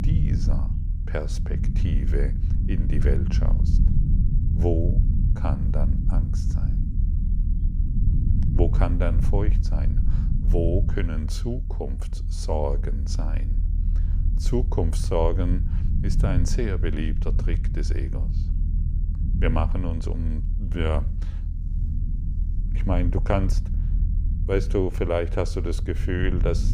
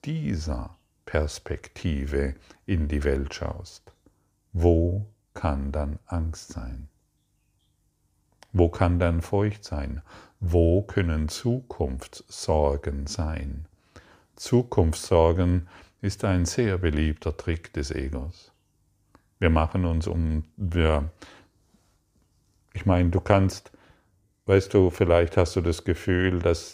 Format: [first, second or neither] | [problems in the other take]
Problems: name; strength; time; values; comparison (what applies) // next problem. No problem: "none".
second | low rumble; loud; throughout; 10 dB below the speech